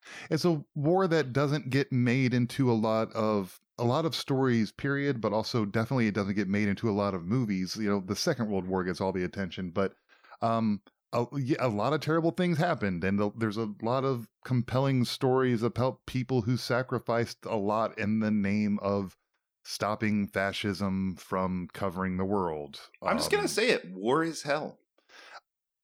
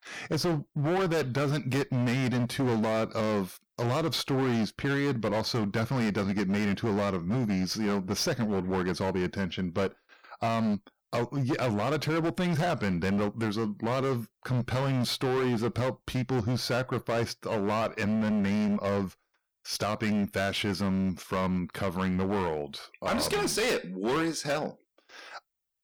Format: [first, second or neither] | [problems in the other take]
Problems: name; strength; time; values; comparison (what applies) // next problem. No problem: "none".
first | distortion; heavy; 22% of the sound clipped